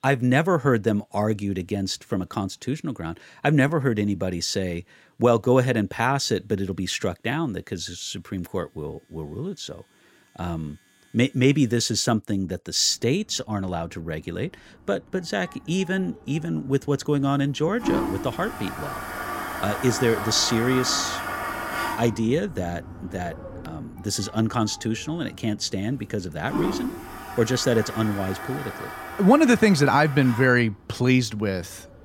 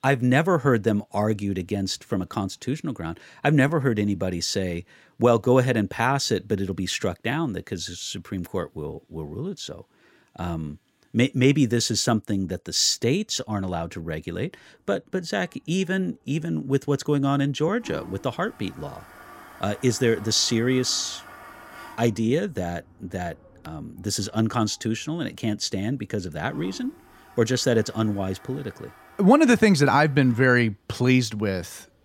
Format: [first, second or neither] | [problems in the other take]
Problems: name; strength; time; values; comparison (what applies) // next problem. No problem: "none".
second | household noises; loud; throughout; 8 dB below the speech; faint in the second